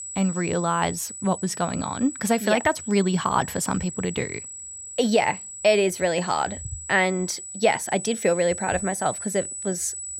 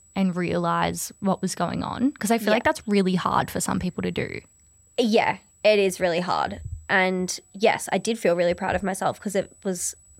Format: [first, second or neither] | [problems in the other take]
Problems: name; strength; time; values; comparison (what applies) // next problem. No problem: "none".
second | high-pitched whine; loud; throughout; 8 kHz, 9 dB below the speech; faint in the second